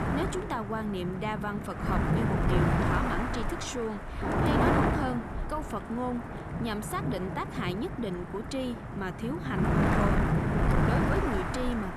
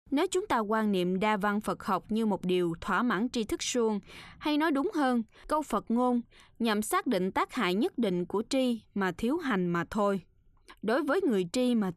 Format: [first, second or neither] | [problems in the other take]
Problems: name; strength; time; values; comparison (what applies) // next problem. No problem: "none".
second | wind noise on the microphone; heavy; 3 dB above the speech